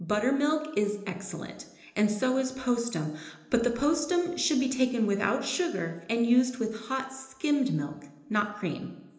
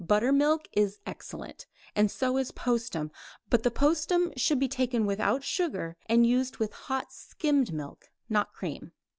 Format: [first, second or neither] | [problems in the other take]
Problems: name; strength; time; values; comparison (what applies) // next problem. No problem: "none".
second | room echo; dies away in 1 s